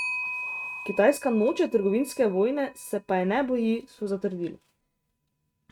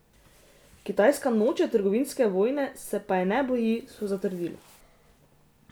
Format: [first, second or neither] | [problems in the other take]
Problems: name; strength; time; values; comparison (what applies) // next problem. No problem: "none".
second | noise reduction (neural mask model RNNoise)